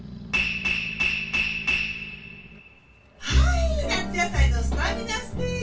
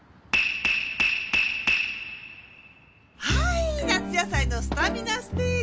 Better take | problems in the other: second | background sound (Growling); 17 dB below the speech // room echo; dies away in 0.2 s

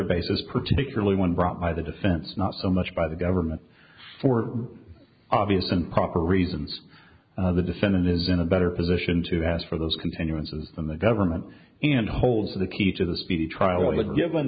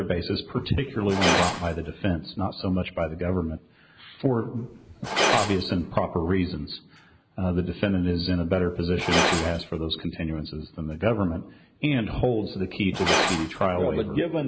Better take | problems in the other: first | background sound (Glass); 5 dB below the speech

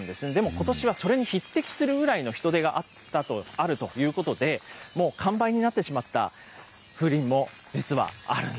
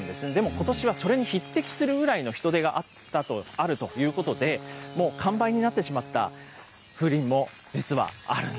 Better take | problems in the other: first | background sound (Wind instrument, woodwind instrument); 18 dB below the speech

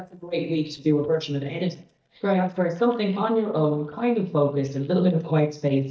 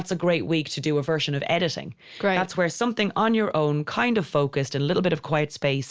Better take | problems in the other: second | noise reduction (neural mask model DeepFilterNet 3)

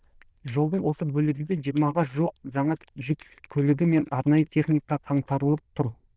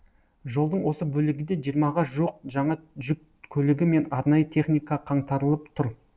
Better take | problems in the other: second | noise reduction (neural diffusion model UNIVERSE++)

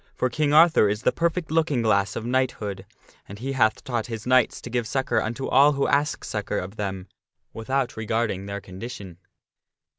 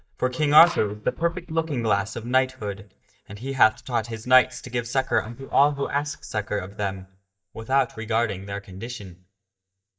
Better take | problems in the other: first | noise reduction (neural mask model DeepFilterNet 3)

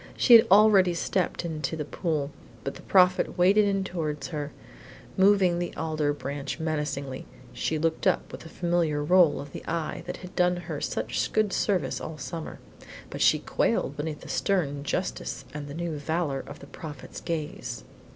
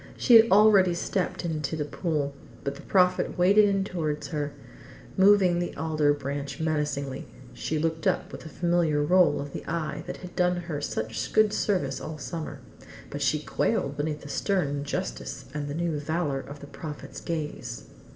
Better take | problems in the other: first | room echo; dies away in 1.2 s

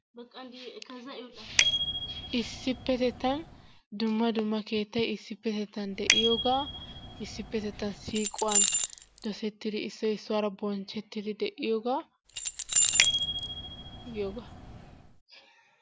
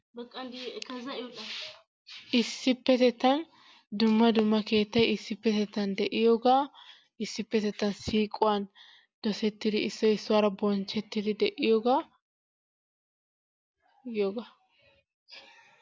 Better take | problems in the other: second | background sound (Bicycle bell + Keys jangling); 3 dB above the speech

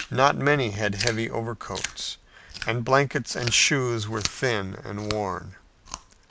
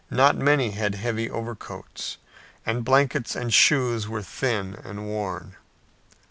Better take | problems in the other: second | background sound (Chewing, mastication); 12 dB below the speech

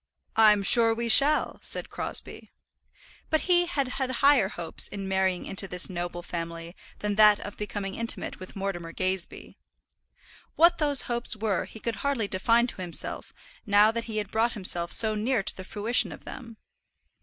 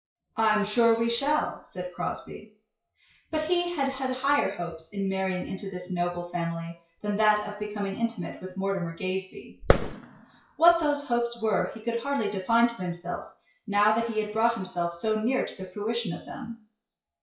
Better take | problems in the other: first | noise reduction (classical method WPE with log-MMSE)

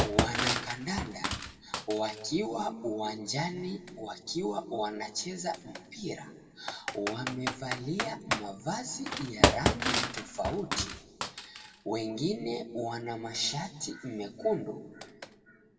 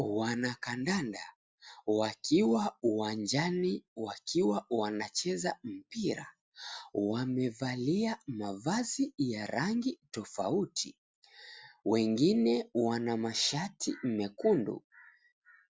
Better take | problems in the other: second | background sound (Computer keyboard); as loud as the speech // room echo; dies away in 1.3 s

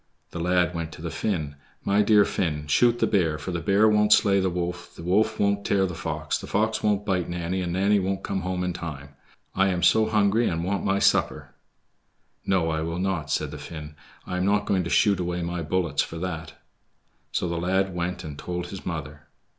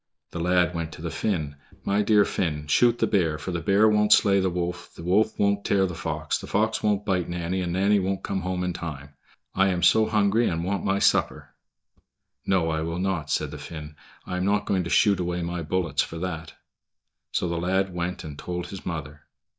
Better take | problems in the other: first | noise reduction (neural mask model DeepFilterNet 3)

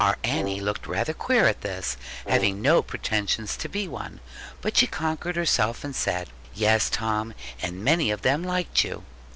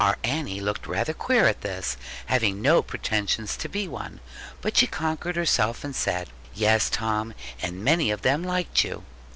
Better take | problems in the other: second | background sound (Brass instrument); 10 dB below the speech

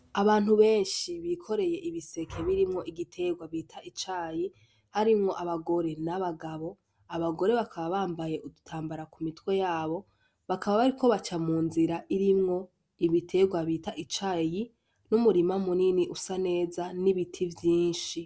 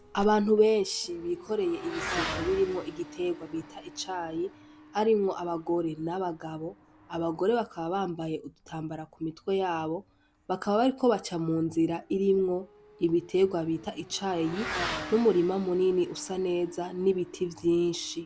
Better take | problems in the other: first | background sound (Motorcycle / Accelerating, revving, vroom + Crushing); 14 dB below the speech

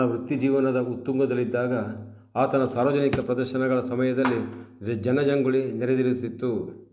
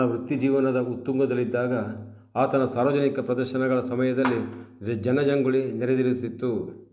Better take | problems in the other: second | background sound (Drawer open or close); 13 dB below the speech

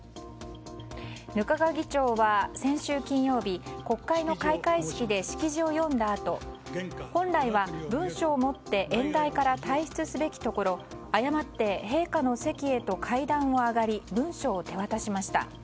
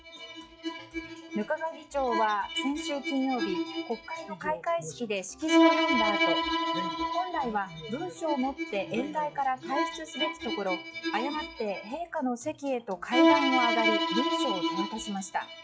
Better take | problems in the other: first | noise reduction (classical method log-MMSE)

